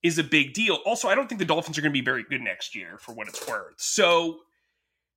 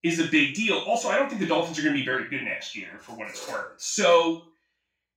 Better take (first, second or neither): first